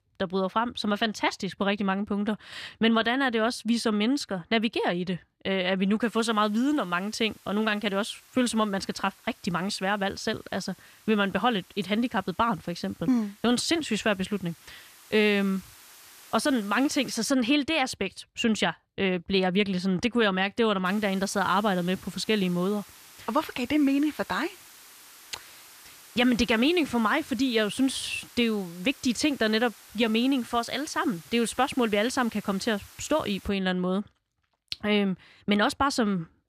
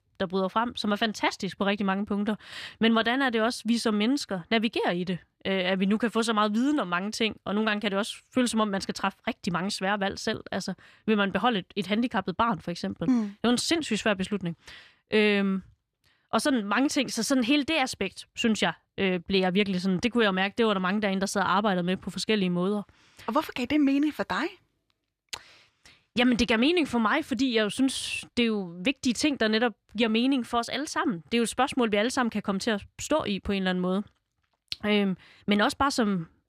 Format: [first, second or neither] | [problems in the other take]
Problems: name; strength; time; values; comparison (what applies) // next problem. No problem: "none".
second | hiss; faint; from 6 to 17 s and from 21 to 33 s; 25 dB below the speech